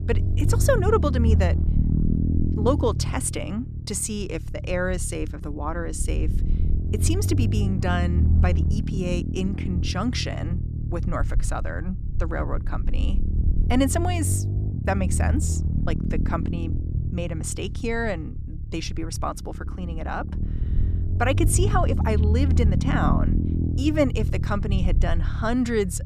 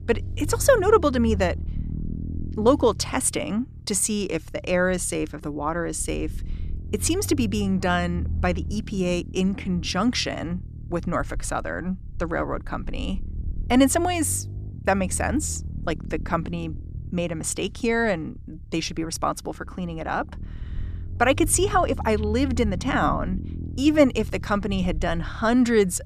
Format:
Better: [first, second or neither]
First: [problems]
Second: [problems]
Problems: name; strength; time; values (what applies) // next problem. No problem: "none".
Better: second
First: low rumble; loud; throughout; 9 dB below the speech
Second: low rumble; faint; throughout; 20 dB below the speech